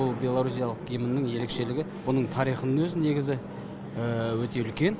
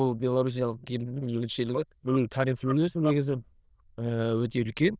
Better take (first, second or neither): first